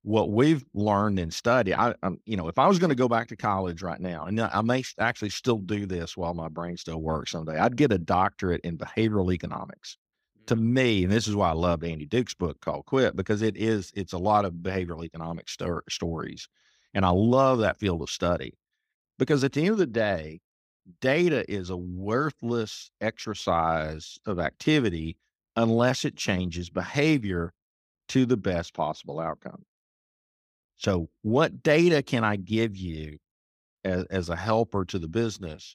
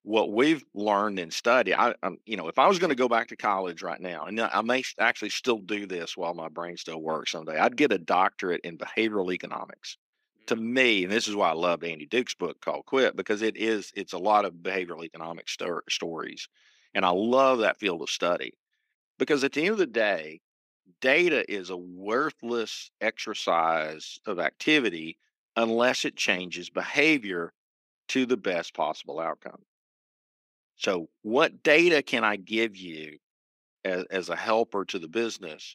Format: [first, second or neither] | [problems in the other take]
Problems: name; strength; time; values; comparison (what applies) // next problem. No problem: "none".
first | thin; somewhat; fading below 250 Hz